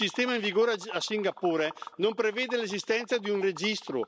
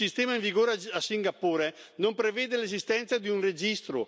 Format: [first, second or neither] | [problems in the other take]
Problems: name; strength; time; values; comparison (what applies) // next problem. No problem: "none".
second | noise reduction (neural mask model RNNoise)